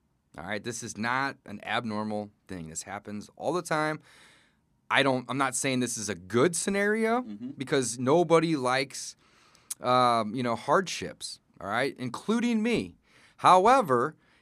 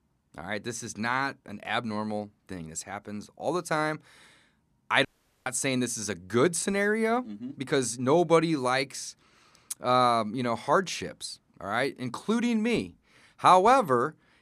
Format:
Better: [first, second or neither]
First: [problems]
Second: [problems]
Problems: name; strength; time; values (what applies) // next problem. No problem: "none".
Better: first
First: none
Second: audio cutting out; at 5 s